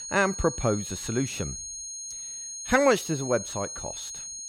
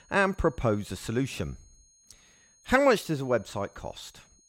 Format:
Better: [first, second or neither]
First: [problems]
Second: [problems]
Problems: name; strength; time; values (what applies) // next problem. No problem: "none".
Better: second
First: high-pitched whine; loud; throughout; 6.5 kHz, 8 dB below the speech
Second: high-pitched whine; faint; throughout; 6.5 kHz, 30 dB below the speech